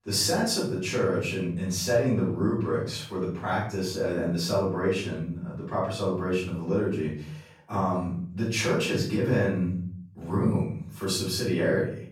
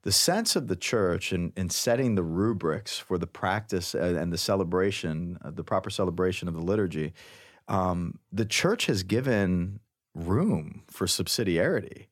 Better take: second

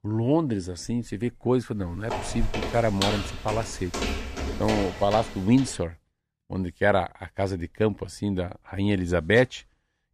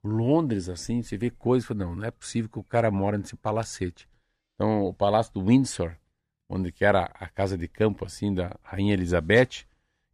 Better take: second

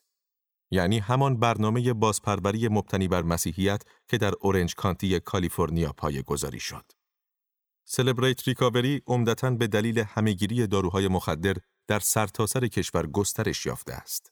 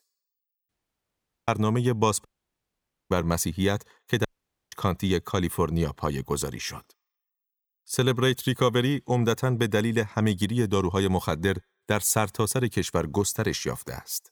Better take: first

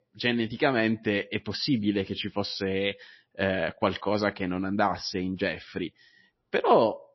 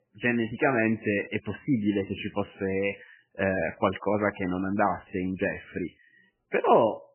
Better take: first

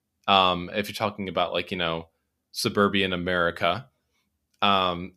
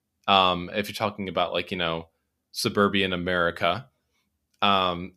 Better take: neither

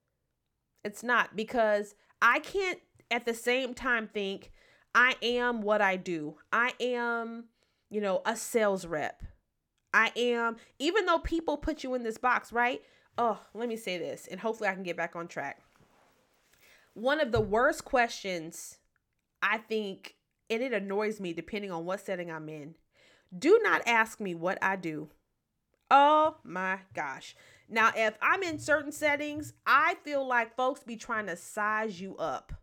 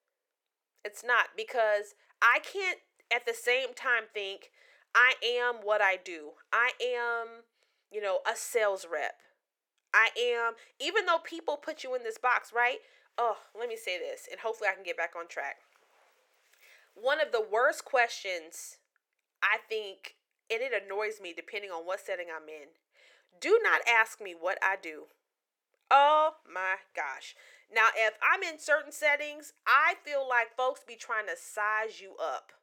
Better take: first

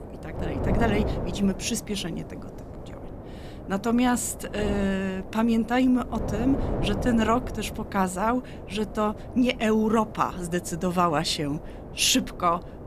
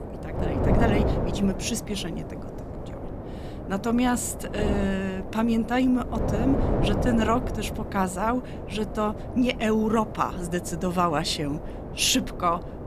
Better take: first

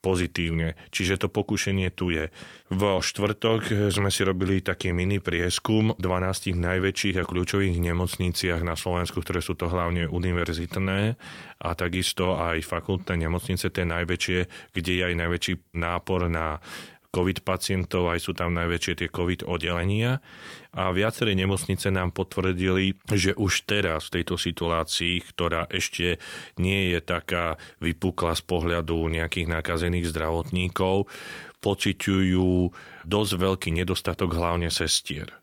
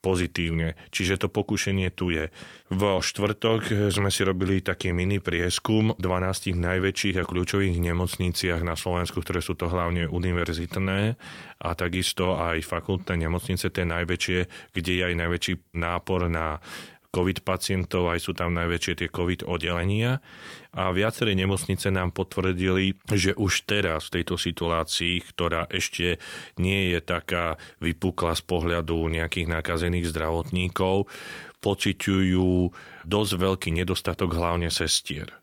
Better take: neither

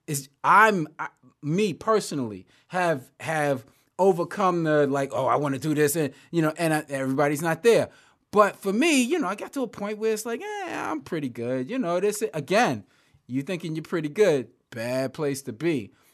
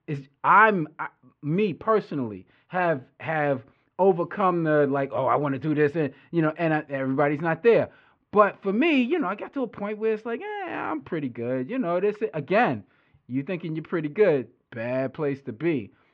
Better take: first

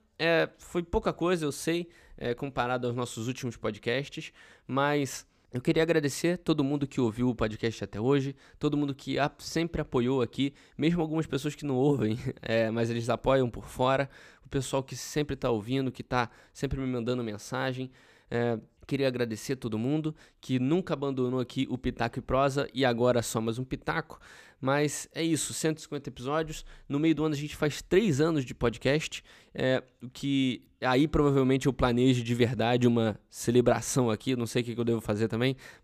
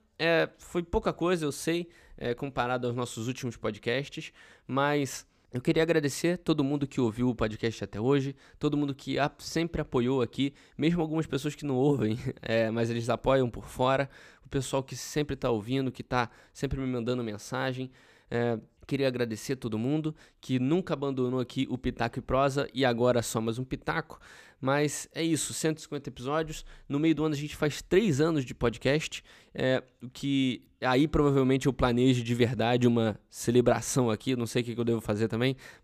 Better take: neither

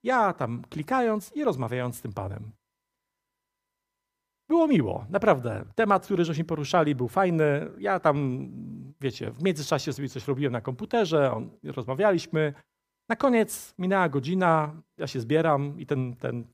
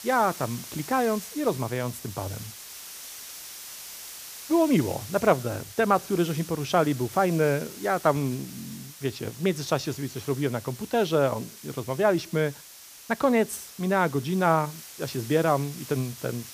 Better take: first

